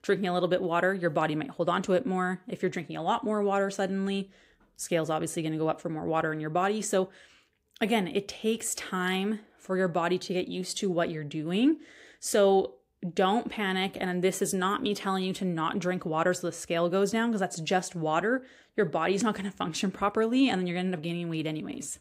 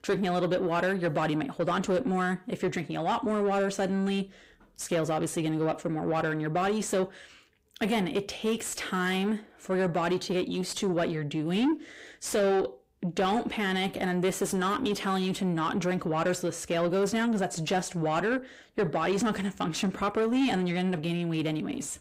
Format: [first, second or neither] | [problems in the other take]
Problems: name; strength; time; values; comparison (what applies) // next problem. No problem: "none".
first | distortion; slight; 10 dB below the speech